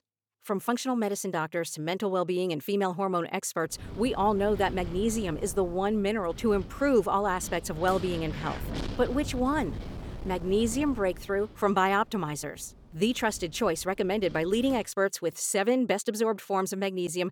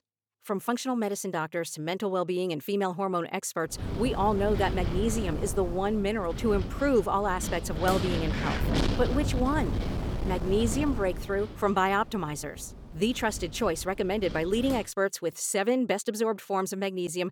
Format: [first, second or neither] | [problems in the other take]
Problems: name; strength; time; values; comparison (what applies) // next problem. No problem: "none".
first | wind noise on the microphone; heavy; from 3.5 to 15 s; 9 dB below the speech; occasional gusts in the first